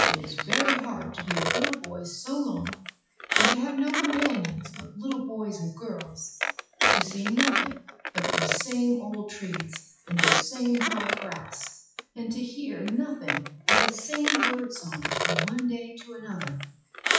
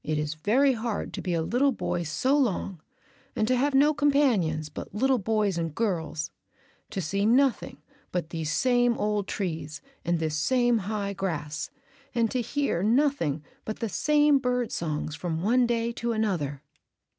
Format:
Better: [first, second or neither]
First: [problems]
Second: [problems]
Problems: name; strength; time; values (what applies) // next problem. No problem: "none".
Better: second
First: noise reduction (classical method WPE with log-MMSE)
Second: none